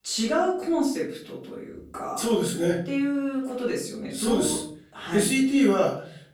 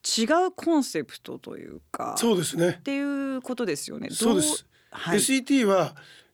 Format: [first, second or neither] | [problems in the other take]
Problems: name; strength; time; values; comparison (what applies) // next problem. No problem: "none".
second | off-mic speech; far // room echo; noticeable; dies away in 0.5 s